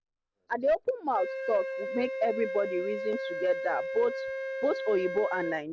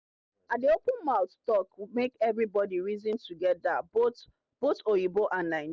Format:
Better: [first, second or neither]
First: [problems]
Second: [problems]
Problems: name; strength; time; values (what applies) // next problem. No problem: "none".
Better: second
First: background sound (Wind instrument, woodwind instrument); 5 dB below the speech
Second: none